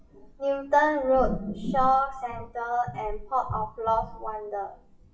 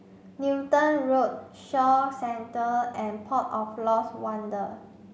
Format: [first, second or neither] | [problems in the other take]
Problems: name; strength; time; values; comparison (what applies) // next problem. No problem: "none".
second | noise reduction (classical method WPE with log-MMSE)